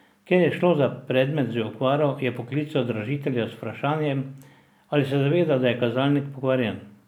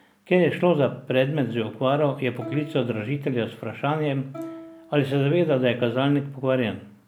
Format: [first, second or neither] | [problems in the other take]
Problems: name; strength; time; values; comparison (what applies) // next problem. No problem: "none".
first | background sound (Plucked string instrument); 18 dB below the speech